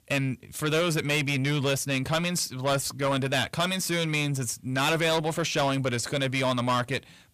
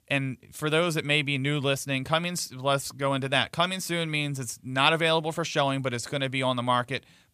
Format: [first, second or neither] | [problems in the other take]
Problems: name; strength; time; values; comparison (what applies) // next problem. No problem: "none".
second | distortion; heavy; 8 dB below the speech